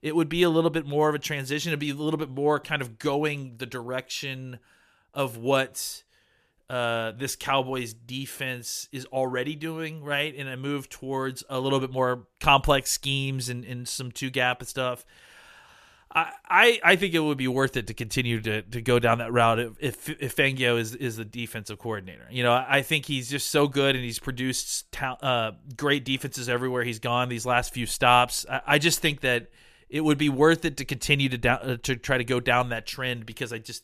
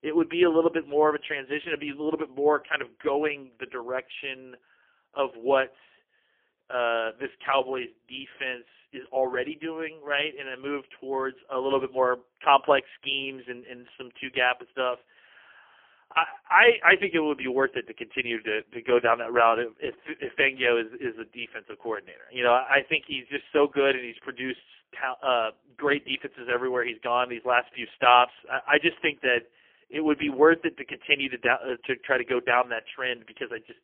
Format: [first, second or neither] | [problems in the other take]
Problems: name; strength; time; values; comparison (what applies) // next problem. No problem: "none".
first | phone-call audio; poor line; nothing above 3 kHz